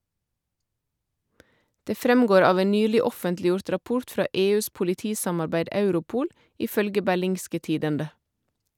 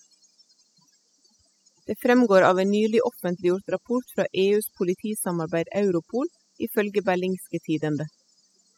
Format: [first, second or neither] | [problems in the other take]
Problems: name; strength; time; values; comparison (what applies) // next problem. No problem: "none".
first | noise reduction (classical method spectral subtraction)